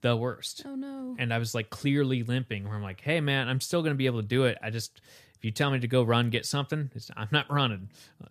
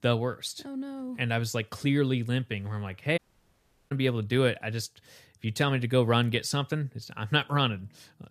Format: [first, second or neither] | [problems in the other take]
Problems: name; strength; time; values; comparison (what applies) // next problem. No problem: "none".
first | audio cutting out; at 3 s for 0.5 s